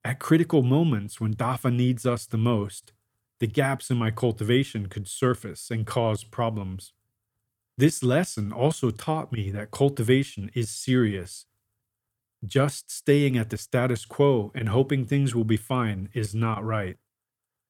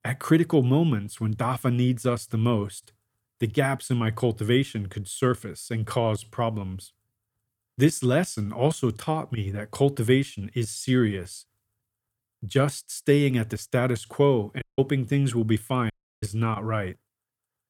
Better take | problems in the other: first | audio cutting out; at 15 s and at 16 s

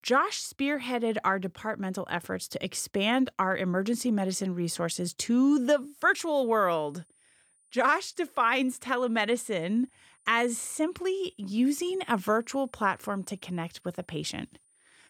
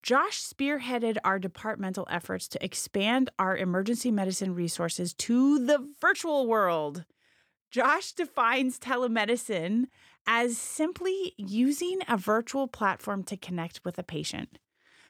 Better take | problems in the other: second | high-pitched whine; faint; from 5.5 s on; 9.5 kHz, 35 dB below the speech

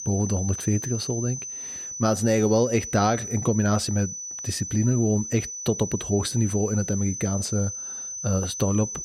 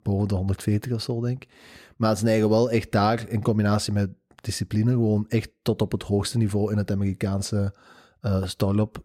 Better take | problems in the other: second | high-pitched whine; loud; throughout; 6 kHz, 7 dB below the speech

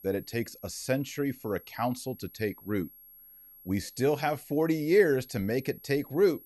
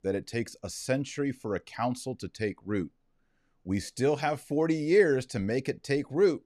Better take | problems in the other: second | high-pitched whine; faint; throughout; 11.5 kHz, 20 dB below the speech

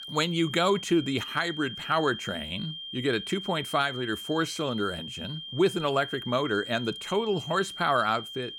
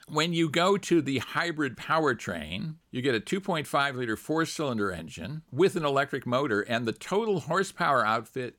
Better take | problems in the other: second | high-pitched whine; loud; throughout; 3 kHz, 9 dB below the speech

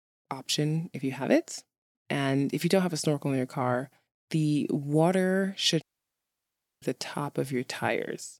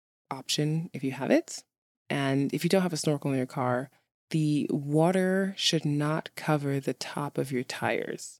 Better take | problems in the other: second | audio cutting out; at 6 s for 1 s

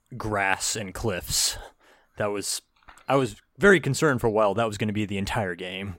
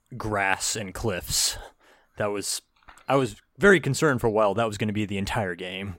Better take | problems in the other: neither | none

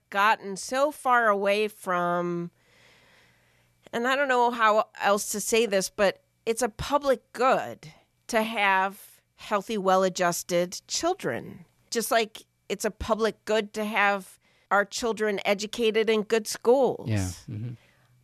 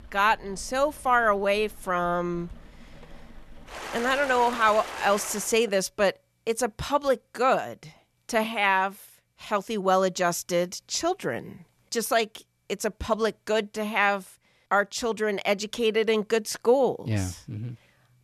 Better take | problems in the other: first | rain or running water; noticeable; until 5.5 s; 15 dB below the speech

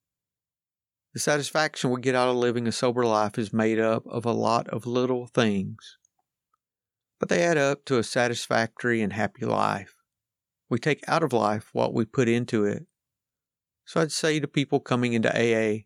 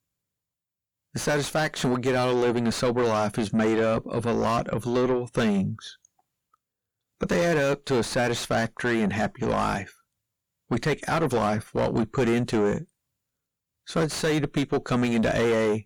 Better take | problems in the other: first | distortion; heavy; 4 dB below the speech

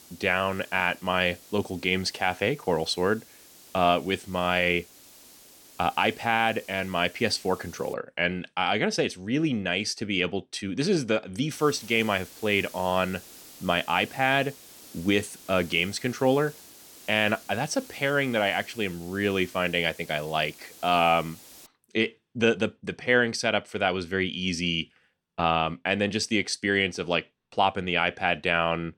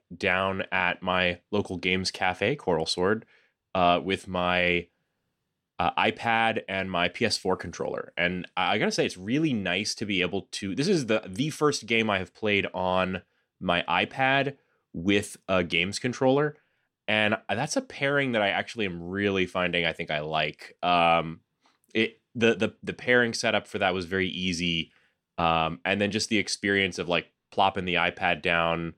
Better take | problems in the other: second | hiss; faint; until 8 s and from 12 to 22 s; 20 dB below the speech

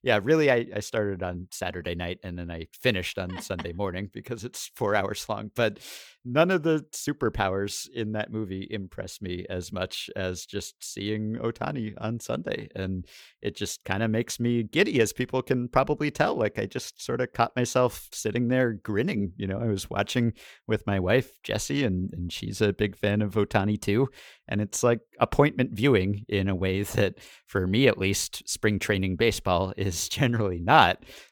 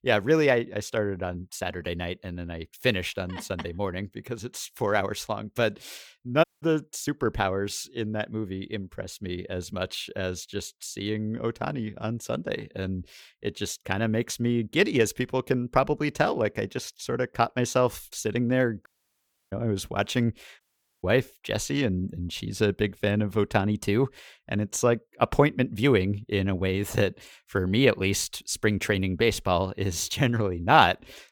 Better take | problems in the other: first | audio cutting out; at 6.5 s, at 19 s for 0.5 s and at 21 s

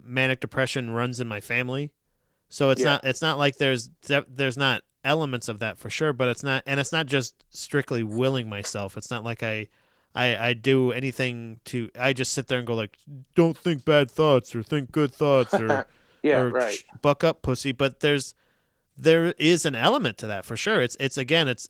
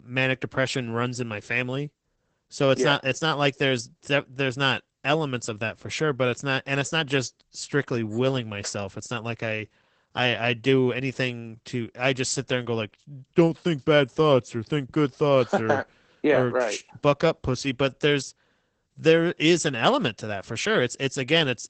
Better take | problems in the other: first | garbled, watery; badly; nothing above 8 kHz; slightly in the first

